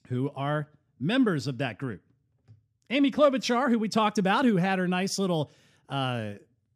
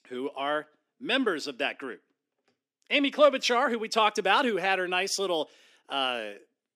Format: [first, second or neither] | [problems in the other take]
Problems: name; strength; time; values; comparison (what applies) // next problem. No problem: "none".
first | thin; somewhat; fading below 300 Hz